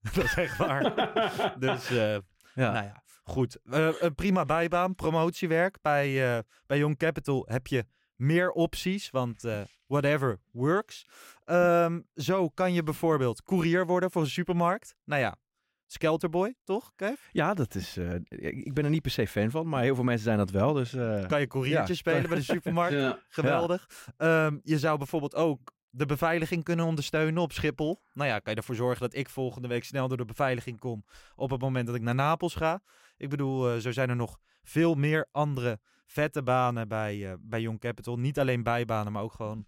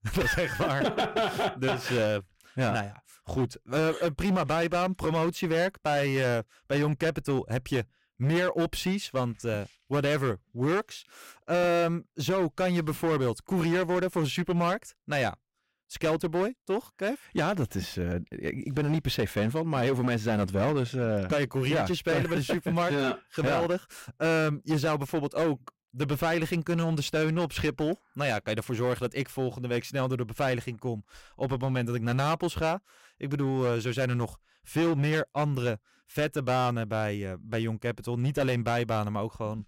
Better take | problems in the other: first | distortion; slight; 11% of the sound clipped

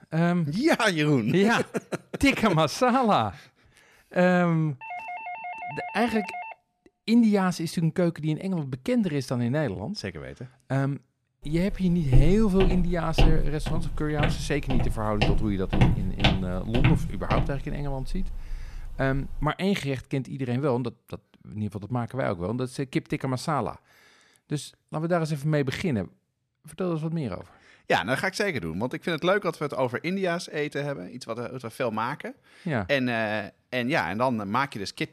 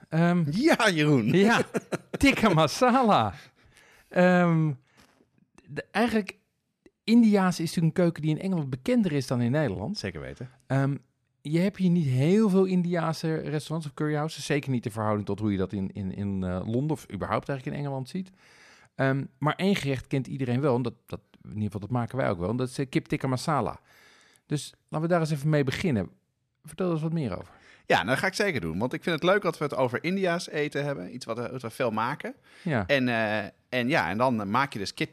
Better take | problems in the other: second | doorbell; noticeable; from 5 to 6.5 s; peak 8 dB below the speech // footsteps; loud; from 12 to 19 s; peak 3 dB above the speech

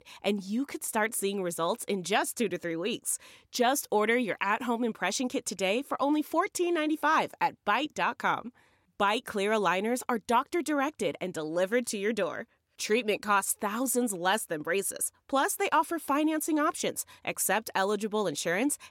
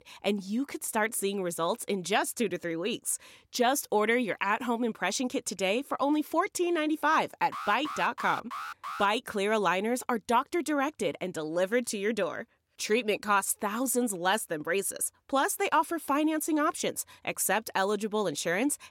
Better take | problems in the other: first | alarm; noticeable; from 7.5 to 9 s; peak 9 dB below the speech

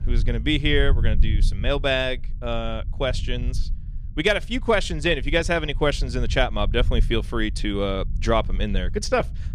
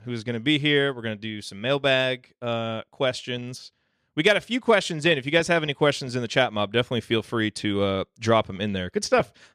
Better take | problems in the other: second | low rumble; faint; throughout; 20 dB below the speech

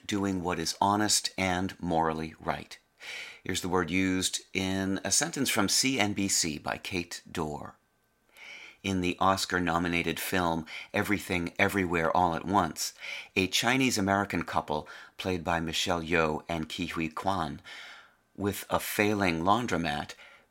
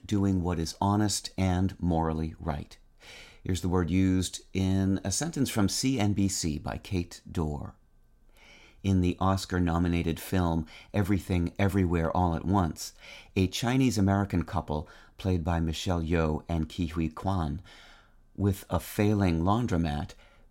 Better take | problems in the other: second | thin; somewhat; fading below 1 kHz

